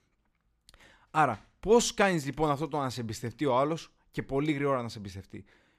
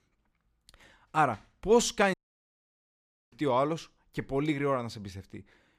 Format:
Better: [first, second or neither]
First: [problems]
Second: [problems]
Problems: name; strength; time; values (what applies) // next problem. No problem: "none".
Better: first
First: none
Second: audio cutting out; at 2 s for 1 s